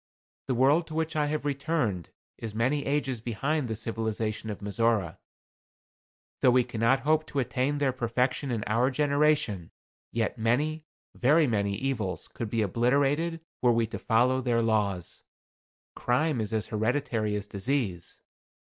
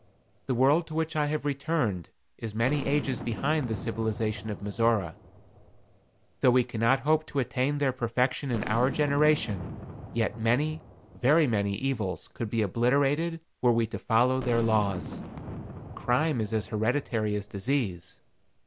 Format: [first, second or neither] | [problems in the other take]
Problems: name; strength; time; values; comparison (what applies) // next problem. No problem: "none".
first | background sound (Boom); 14 dB below the speech